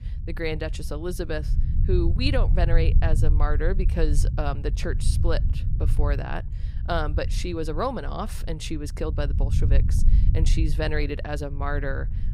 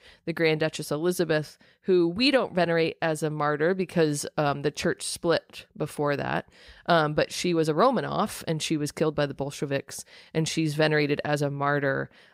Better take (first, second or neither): second